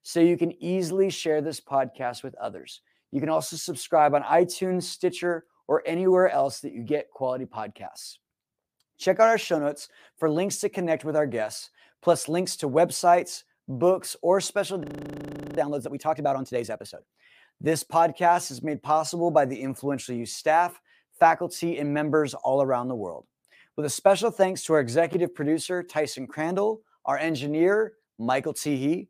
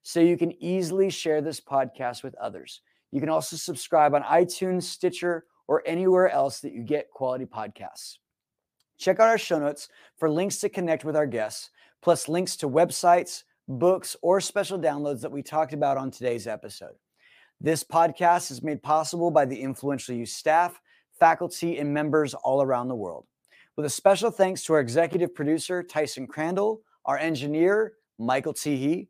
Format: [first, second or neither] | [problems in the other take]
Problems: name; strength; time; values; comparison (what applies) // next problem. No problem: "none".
second | audio freezing; at 15 s for 0.5 s